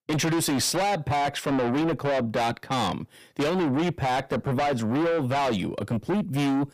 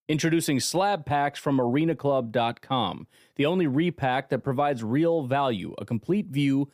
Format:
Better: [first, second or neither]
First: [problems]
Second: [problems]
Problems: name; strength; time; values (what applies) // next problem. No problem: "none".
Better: second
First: distortion; heavy; 6 dB below the speech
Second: none